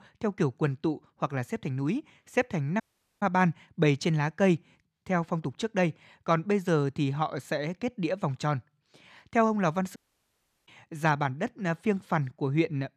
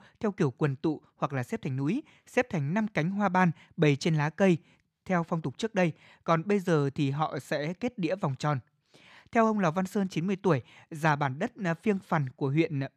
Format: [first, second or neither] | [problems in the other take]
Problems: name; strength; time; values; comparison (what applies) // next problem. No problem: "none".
second | audio cutting out; at 3 s and at 10 s for 0.5 s